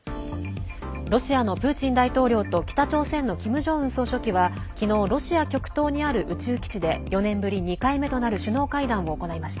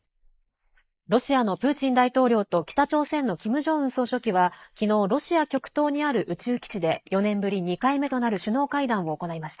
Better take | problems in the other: first | noise reduction (neural mask model Resemble Enhance denoiser)

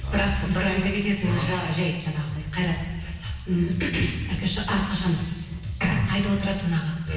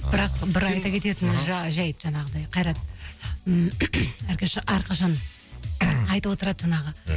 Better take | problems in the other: second | room echo; dies away in 1.2 s

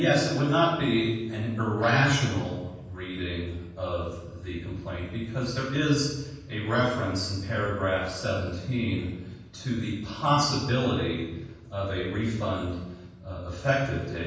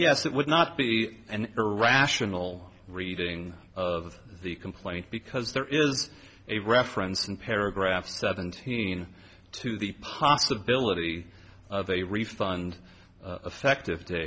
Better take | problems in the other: second | room echo; dies away in 1.2 s

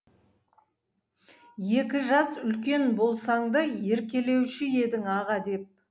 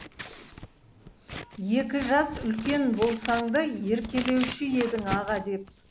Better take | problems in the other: first | background sound (Scissors); 12 dB below the speech

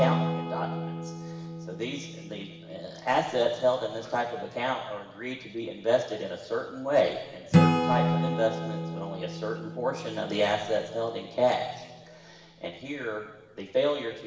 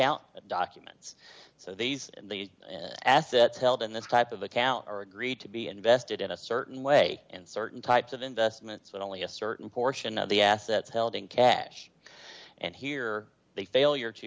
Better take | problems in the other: second | background sound (Acoustic guitar / Strum); 2 dB below the speech // room echo; dies away in 1.3 s

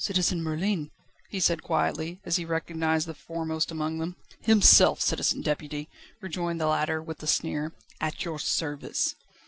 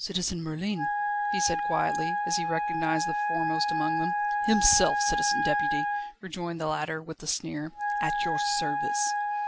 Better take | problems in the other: first | background sound (Wind instrument, woodwind instrument); 2 dB above the speech

